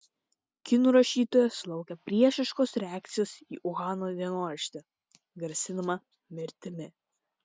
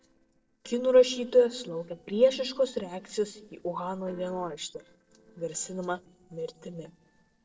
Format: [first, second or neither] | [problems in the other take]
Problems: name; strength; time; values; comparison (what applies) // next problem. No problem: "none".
first | noise reduction (neural separator model SepFormer DNS4)